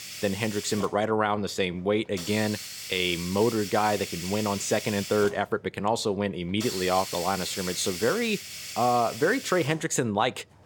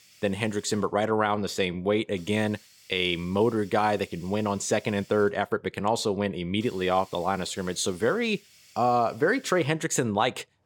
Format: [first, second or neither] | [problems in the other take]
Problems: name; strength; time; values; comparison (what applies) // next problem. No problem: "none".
second | hiss; loud; throughout; 9 dB below the speech; faint in the second